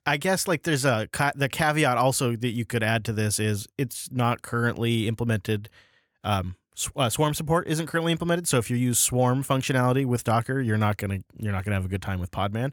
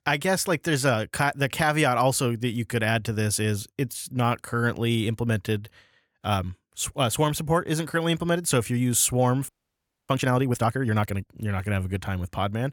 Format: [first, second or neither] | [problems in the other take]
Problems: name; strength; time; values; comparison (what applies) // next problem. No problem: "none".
first | audio freezing; at 9.5 s for 0.5 s